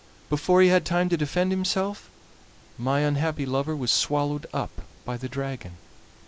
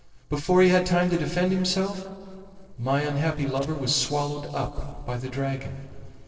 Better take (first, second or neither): first